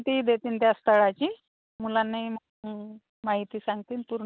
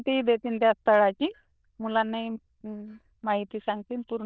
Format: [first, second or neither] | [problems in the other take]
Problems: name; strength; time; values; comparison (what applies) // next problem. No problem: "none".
first | noise reduction (neural diffusion model UNIVERSE++)